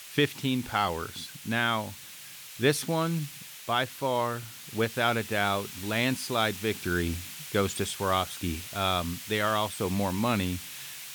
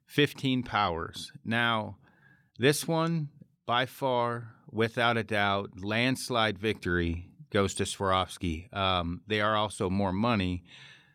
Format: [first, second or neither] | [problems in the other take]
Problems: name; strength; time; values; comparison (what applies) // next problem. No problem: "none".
second | hiss; noticeable; throughout; 10 dB below the speech